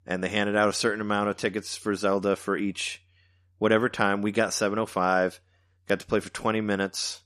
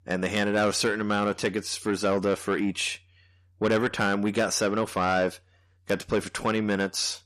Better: first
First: none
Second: distortion; slight; 10 dB below the speech

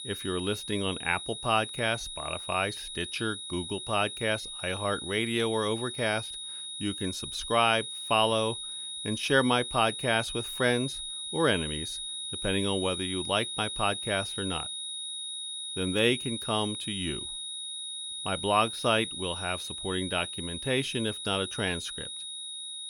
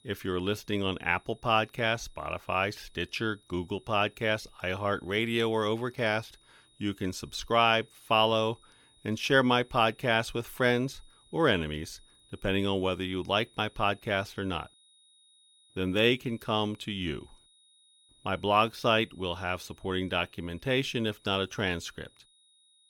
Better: second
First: high-pitched whine; loud; throughout; 4 kHz, 6 dB below the speech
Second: high-pitched whine; faint; throughout; 4 kHz, 30 dB below the speech

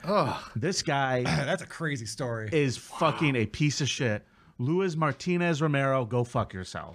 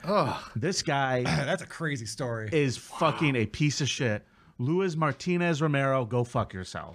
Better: neither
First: none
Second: none

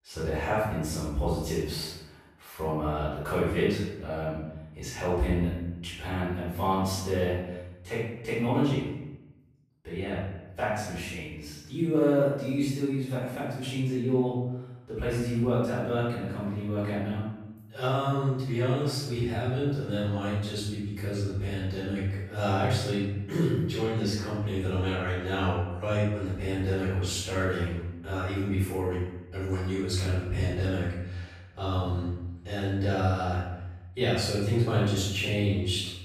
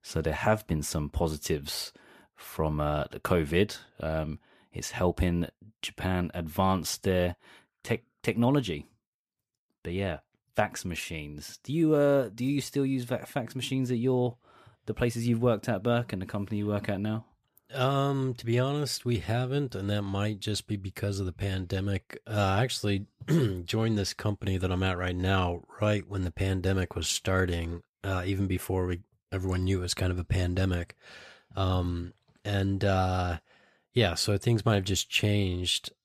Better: second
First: off-mic speech; far // room echo; strong; dies away in 0.8 s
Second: none

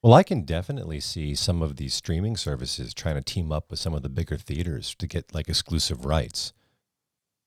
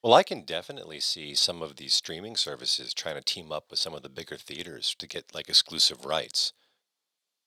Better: first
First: none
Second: thin; very; fading below 450 Hz

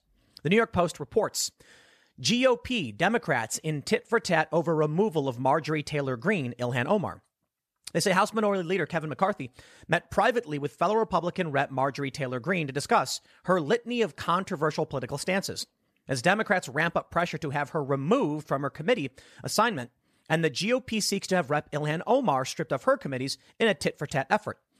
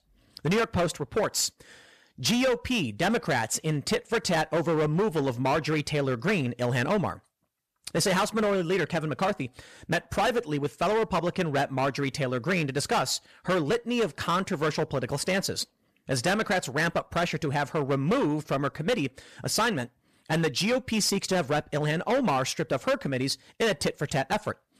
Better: first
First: none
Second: distortion; heavy; 12% of the sound clipped

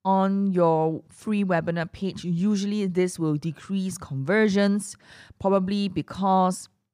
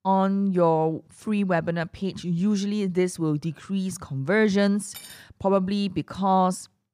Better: first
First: none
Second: clattering dishes; faint; at 5 s; peak 15 dB below the speech

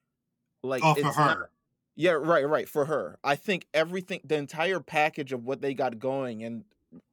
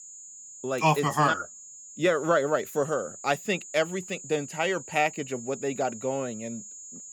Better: first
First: none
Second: high-pitched whine; noticeable; throughout; 7 kHz, 15 dB below the speech

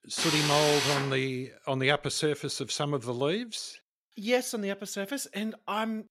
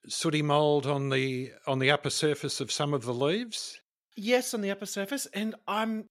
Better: second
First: machinery noise; very faint; until 2 s; 2 dB above the speech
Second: none

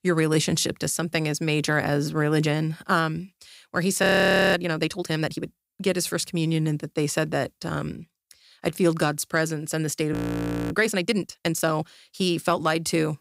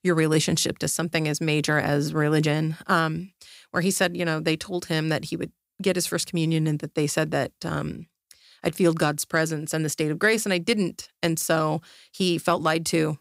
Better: second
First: audio freezing; at 4 s and at 10 s for 0.5 s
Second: none

